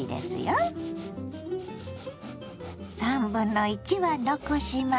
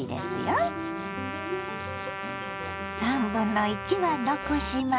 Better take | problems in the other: first | background sound (Trumpet); 7 dB below the speech

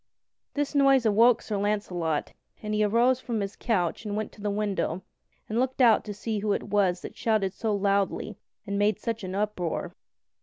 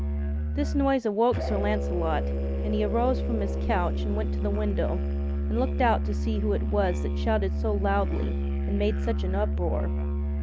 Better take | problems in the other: first | background sound (Musical instrument); 2 dB above the speech

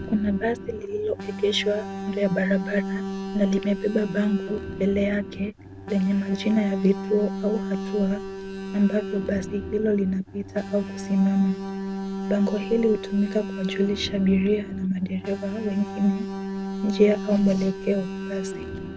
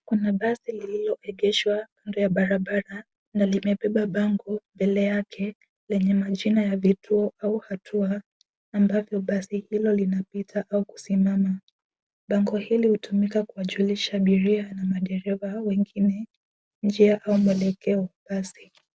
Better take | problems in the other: second | background sound (Alarm); 7 dB below the speech

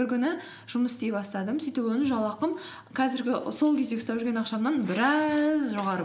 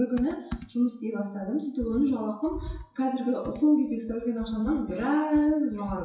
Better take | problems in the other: first | noise reduction (classical method WPE with log-MMSE)

